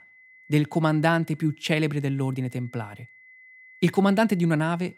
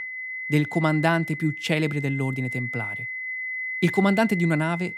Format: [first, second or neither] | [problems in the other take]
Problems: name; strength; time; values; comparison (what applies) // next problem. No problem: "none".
first | high-pitched whine; loud; throughout; 2 kHz, 6 dB below the speech; faint in the first